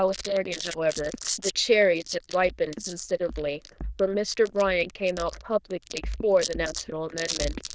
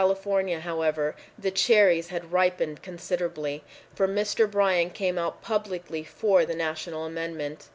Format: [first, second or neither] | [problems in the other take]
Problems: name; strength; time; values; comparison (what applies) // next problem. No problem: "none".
second | noise reduction (neural diffusion model UNIVERSE++)